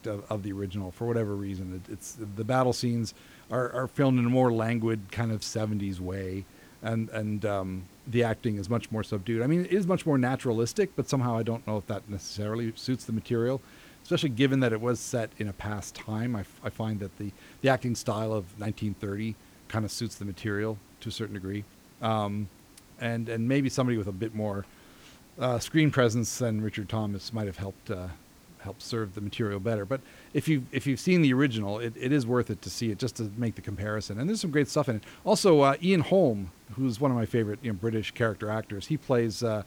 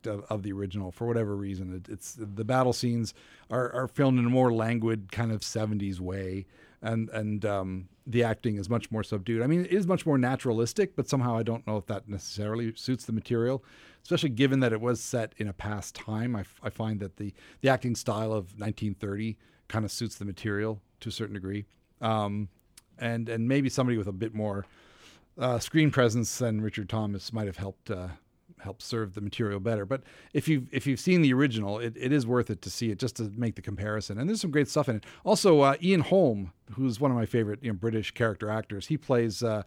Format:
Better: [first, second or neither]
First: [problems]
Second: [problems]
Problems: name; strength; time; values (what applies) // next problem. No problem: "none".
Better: second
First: hiss; faint; throughout; 25 dB below the speech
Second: none